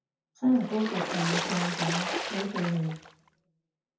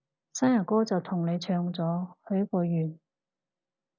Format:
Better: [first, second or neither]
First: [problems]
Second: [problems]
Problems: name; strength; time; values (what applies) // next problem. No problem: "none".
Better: second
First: background sound (Water / Splash, splatter); 3 dB below the speech // room echo; dies away in 0.5 s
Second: none